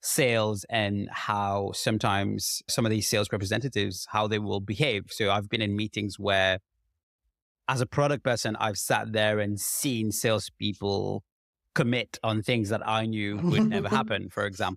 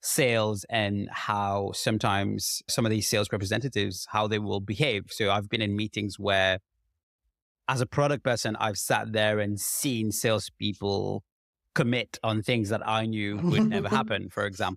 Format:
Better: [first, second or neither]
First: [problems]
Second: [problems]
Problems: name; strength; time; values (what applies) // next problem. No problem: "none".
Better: neither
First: none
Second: none